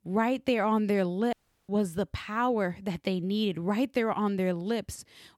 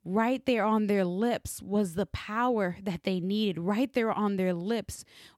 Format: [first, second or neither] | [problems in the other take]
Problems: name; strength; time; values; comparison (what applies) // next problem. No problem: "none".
second | audio cutting out; at 1.5 s